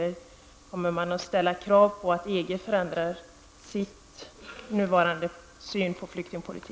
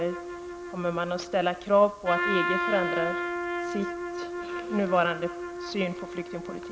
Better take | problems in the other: first | background sound (Trumpet); 4 dB below the speech

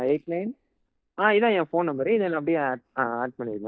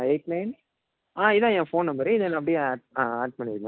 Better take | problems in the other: second | noise reduction (neural mask model DeepFilterNet 3)

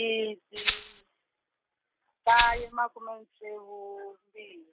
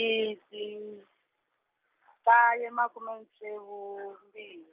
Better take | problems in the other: second | noise reduction (neural mask model RNNoise)

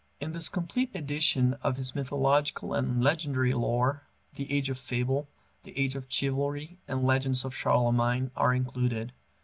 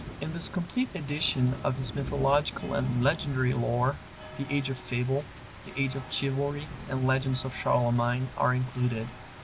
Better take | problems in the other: first | background sound (Rain); 12 dB below the speech

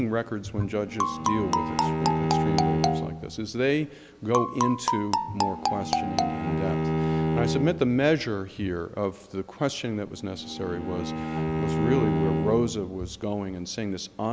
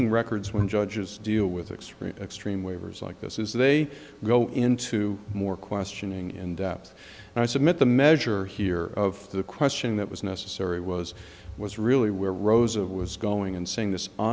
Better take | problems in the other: second | background sound (Marimba, xylophone + Bowed string instrument); 1 dB above the speech

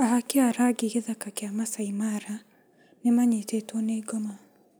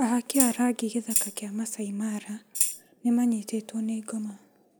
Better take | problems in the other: first | background sound (Tambourine); 2 dB below the speech

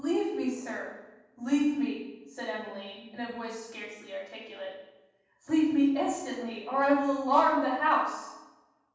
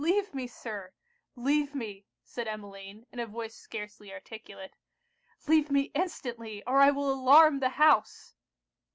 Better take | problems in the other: second | room echo; dies away in 1.2 s

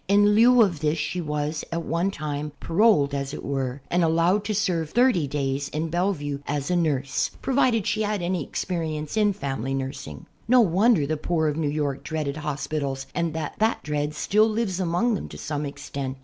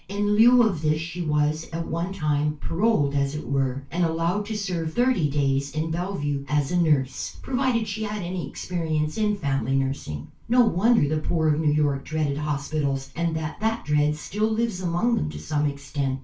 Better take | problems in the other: first | room echo; dies away in 0.2 s

